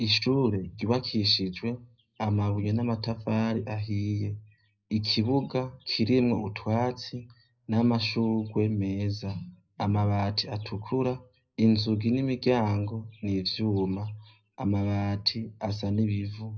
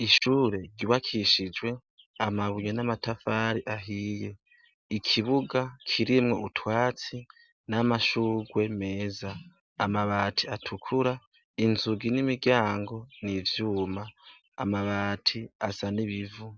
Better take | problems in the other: second | room echo; dies away in 0.3 s

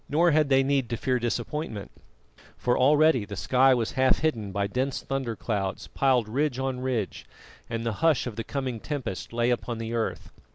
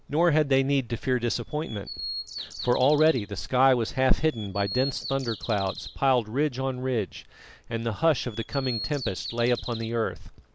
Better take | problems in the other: first | background sound (Bird vocalization, bird call, bird song); 13 dB below the speech

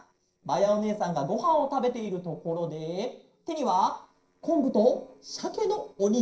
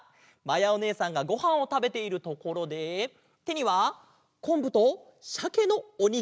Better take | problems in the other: second | noise reduction (neural separator model SepFormer DNS4)

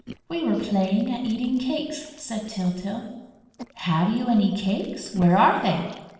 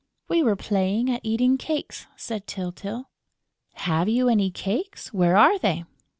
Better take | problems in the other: second | noise reduction (neural separator model SepFormer DNS4)

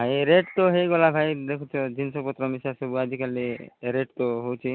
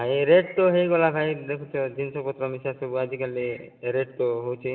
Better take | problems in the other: first | room echo; dies away in 1.7 s

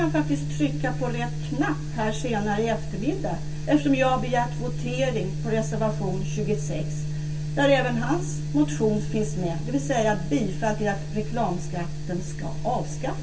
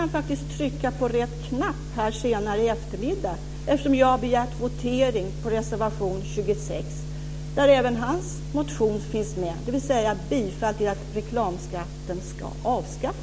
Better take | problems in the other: second | room echo; dies away in 0.2 s

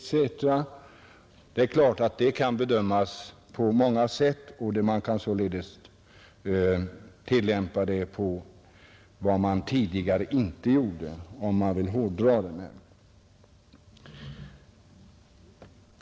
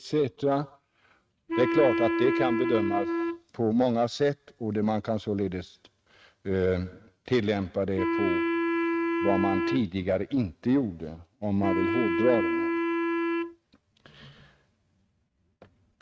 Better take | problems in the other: first | noise reduction (neural mask model RNNoise)

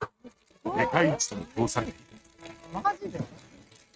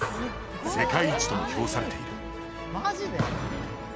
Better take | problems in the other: second | noise reduction (neural mask model RNNoise)

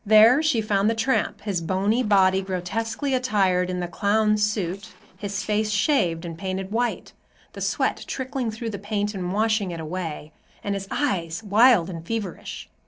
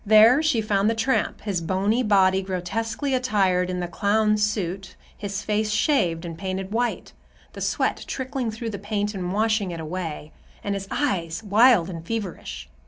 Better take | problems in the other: second | noise reduction (neural separator model SepFormer DNS4)

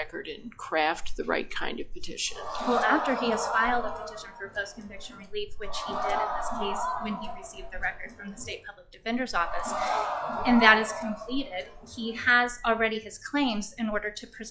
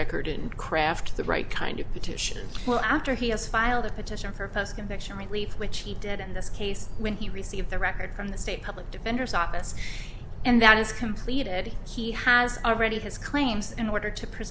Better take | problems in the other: second | noise reduction (classical method log-MMSE)

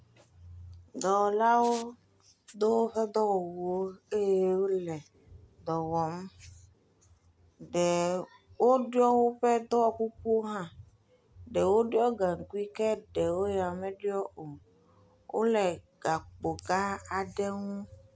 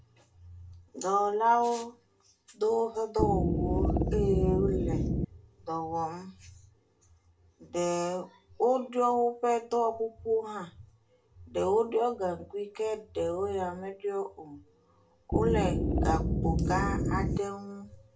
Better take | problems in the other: first | background sound (Wind instrument, woodwind instrument); 4 dB above the speech // room echo; dies away in 0.2 s

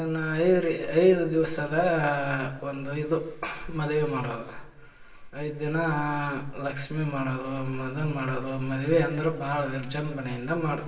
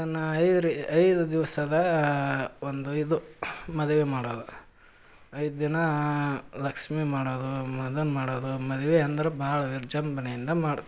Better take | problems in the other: second | room echo; dies away in 0.9 s

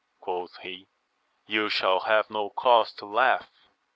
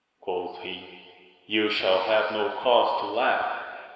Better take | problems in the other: first | room echo; dies away in 2.2 s

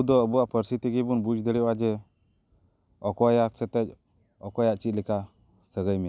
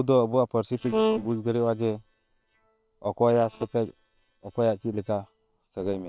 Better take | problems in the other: first | noise reduction (neural separator model SepFormer WHAM!)

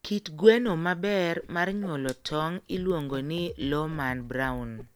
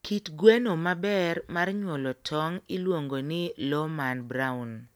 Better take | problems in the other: second | background sound (Whoosh, swoosh, swish + Drum kit); 18 dB below the speech

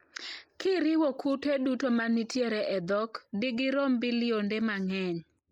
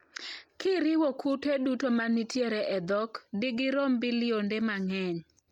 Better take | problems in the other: second | noise reduction (neural mask model Resemble Enhance denoiser)

